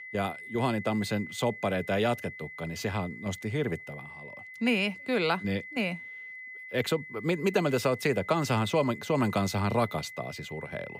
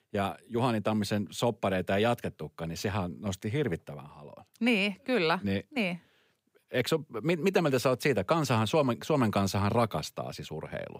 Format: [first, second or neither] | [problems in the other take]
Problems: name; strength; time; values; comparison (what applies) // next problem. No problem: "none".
second | high-pitched whine; noticeable; throughout; 2 kHz, 15 dB below the speech